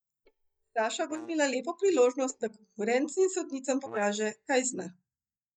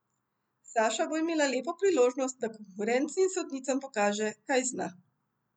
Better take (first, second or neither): second